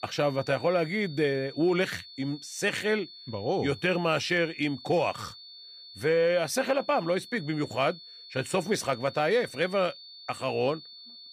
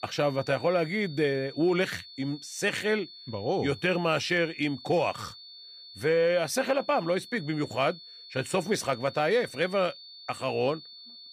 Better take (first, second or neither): neither